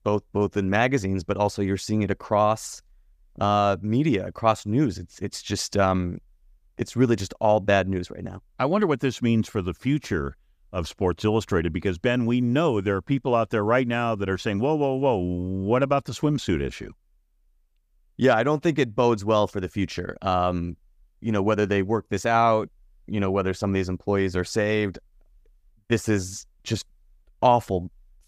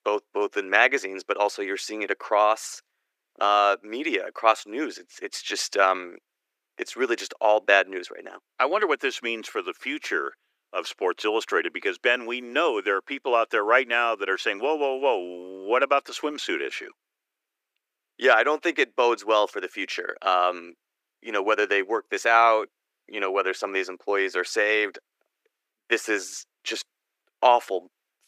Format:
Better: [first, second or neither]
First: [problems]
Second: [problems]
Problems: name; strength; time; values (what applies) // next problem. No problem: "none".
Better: first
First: none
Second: thin; very; fading below 350 Hz